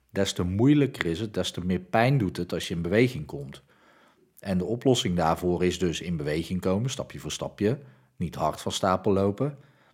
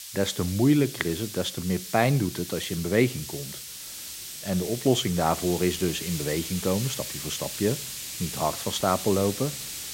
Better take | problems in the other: first | hiss; loud; throughout; 7 dB below the speech

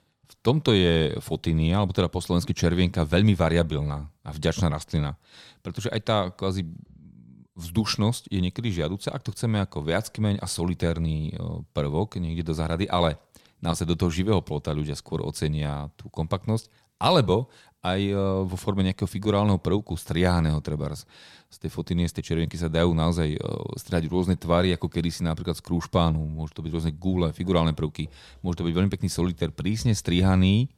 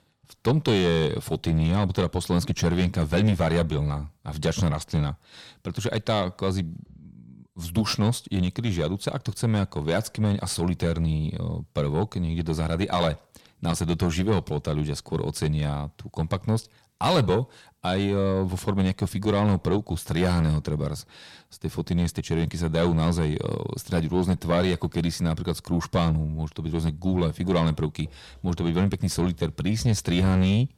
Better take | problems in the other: first | distortion; slight; 10 dB below the speech

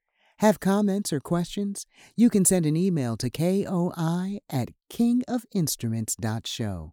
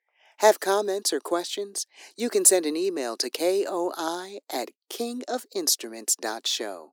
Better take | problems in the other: first | thin; very; fading below 350 Hz

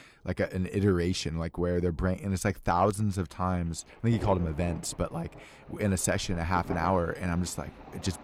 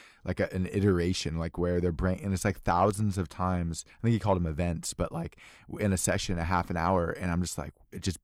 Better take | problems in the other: second | rain or running water; noticeable; throughout; 15 dB below the speech

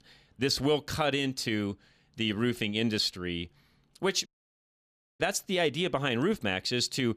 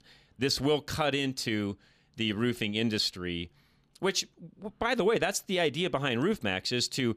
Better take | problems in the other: second | audio cutting out; at 4.5 s for 1 s

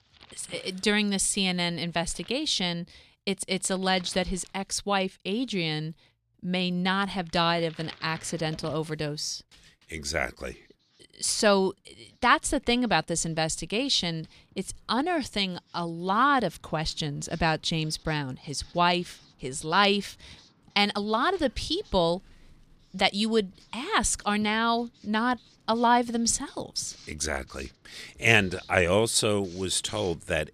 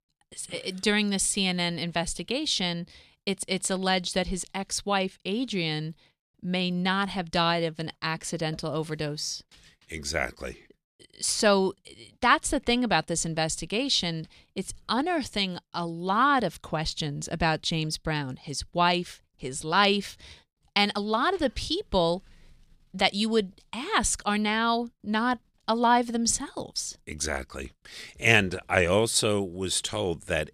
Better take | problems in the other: second | household noises; faint; throughout; 25 dB below the speech

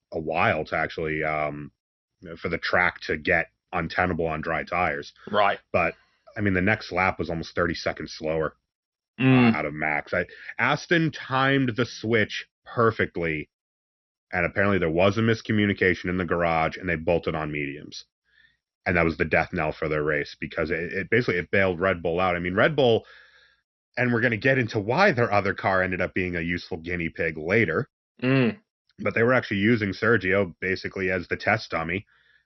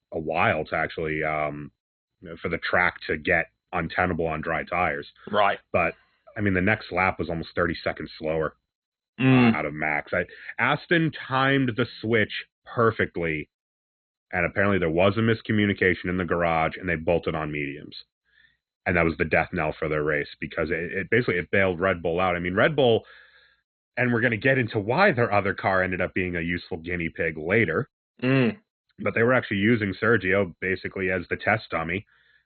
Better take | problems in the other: first | garbled, watery; badly; nothing above 4 kHz; slightly in the first

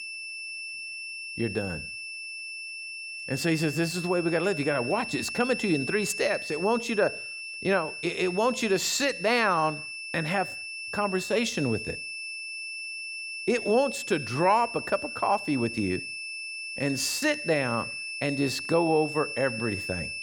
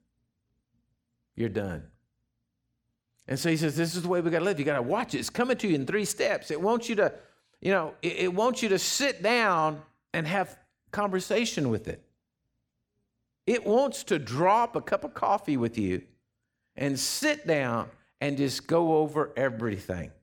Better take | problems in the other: second | high-pitched whine; loud; throughout; 2.5 kHz, 7 dB below the speech

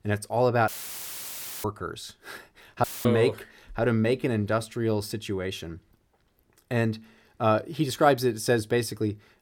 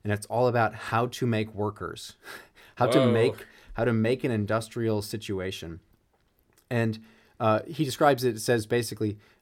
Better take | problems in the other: second | audio cutting out; filled with static; at 0.5 s for 1 s and at 3 s

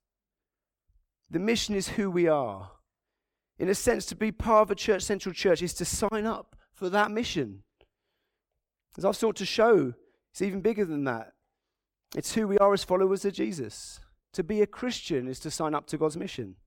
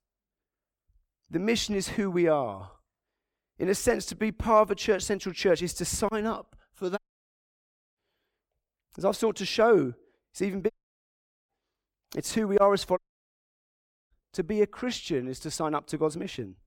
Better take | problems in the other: first | audio cutting out; at 7 s for 1 s, at 11 s for 1 s and at 13 s for 1 s

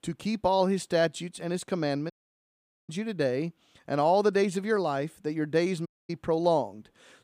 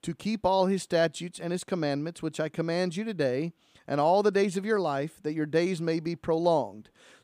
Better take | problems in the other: second | audio cutting out; at 2 s for 1 s and at 6 s

